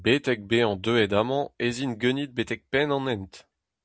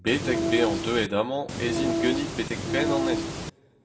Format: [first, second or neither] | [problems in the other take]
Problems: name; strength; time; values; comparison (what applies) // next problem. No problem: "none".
first | background sound (Train); as loud as the speech // room echo; dies away in 0.8 s